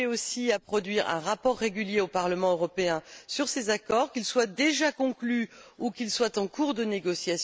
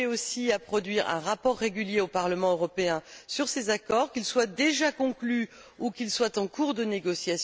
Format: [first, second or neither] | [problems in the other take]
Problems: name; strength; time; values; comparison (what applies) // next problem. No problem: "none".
second | noise reduction (neural mask model Resemble Enhance denoiser)